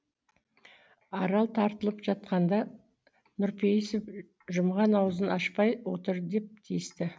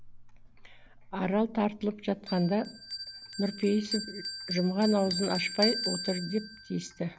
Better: first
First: none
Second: background sound (Bell); 8 dB below the speech

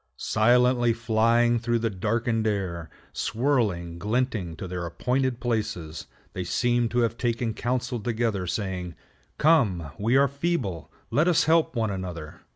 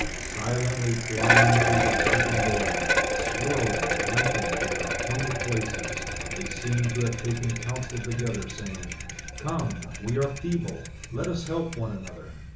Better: first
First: none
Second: background sound (Bicycle); 1 dB above the speech // room echo; dies away in 0.8 s

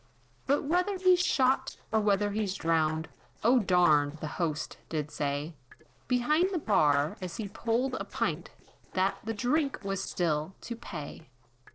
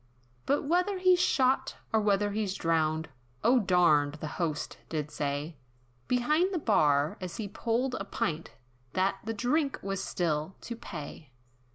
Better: second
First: noise reduction (neural separator model SepFormer DNS4)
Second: none

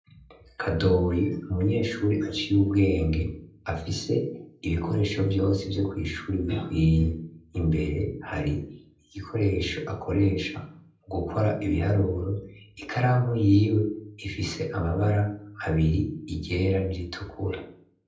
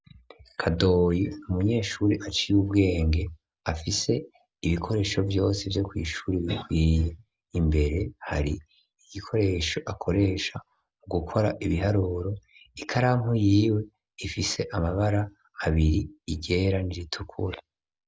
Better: second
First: room echo; dies away in 0.6 s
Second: none

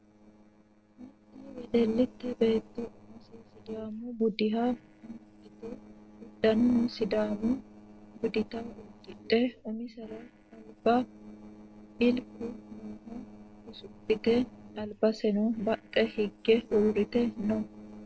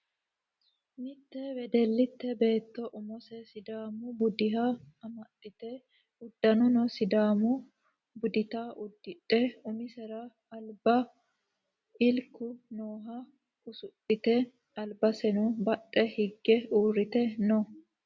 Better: second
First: noise reduction (neural separator model SepFormer DNS4)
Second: none

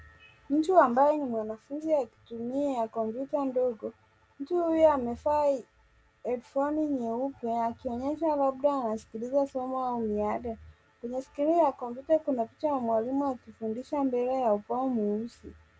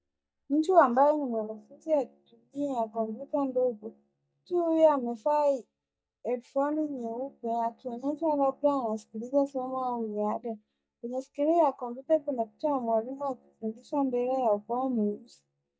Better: first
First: none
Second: noise reduction (neural mask model DeepFilterNet 3)

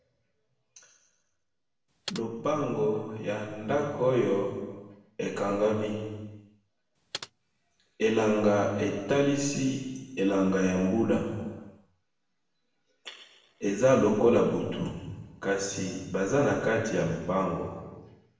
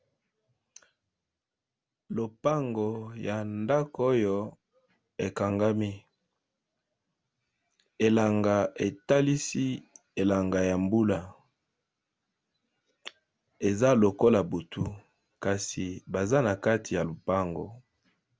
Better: second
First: background sound (Computer keyboard); 16 dB below the speech // room echo; dies away in 1.2 s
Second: none

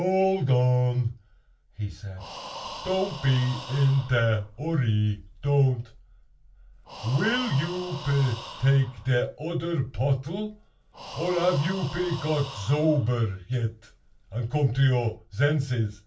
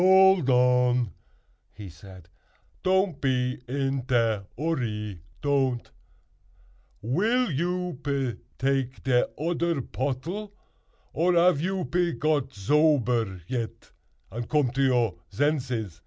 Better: second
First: background sound (Breathing); 16 dB below the speech // room echo; dies away in 0.2 s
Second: none

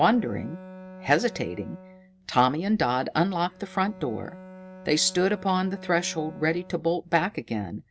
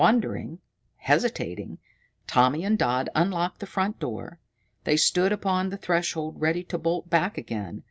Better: second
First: background sound (Bowed string instrument); 18 dB below the speech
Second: none

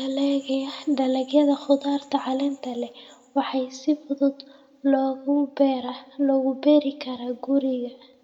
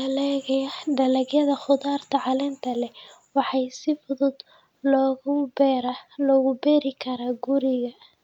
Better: second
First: room echo; dies away in 1.7 s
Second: none

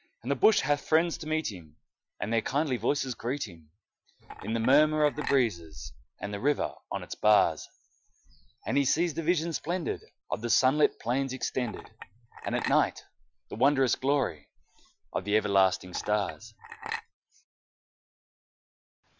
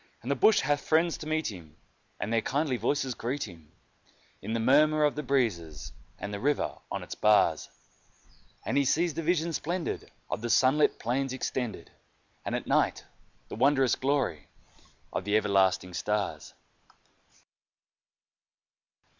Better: second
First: noise reduction (classical method Wiener filter)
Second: none

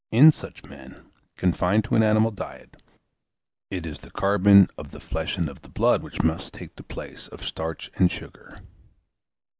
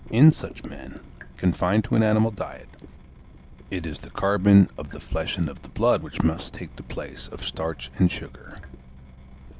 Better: first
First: none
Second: background sound (Drip / Water tap, faucet); 18 dB below the speech

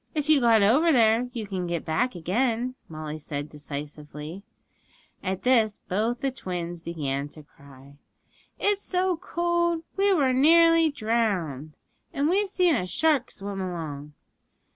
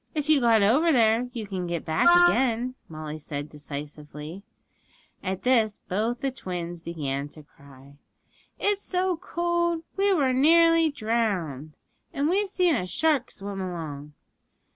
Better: first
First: none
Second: background sound (Wind instrument, woodwind instrument); 3 dB above the speech

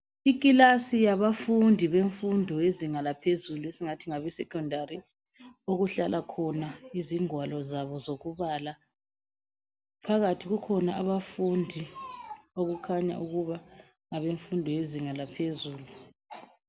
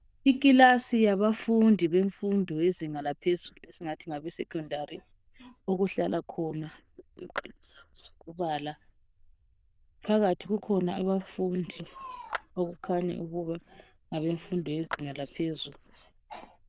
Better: first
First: none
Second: noise reduction (neural diffusion model UNIVERSE++)

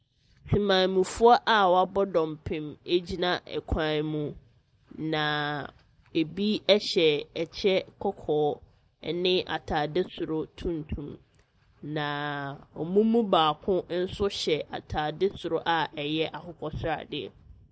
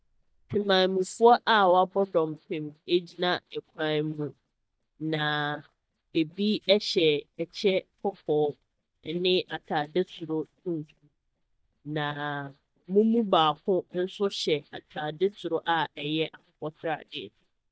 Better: first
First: none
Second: noise reduction (neural mask model DeepFilterNet 3)

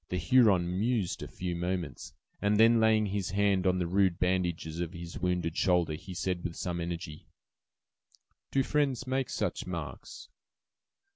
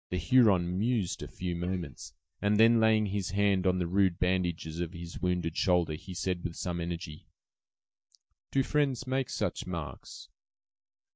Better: first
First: none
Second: noise reduction (neural mask model DeepFilterNet 3)

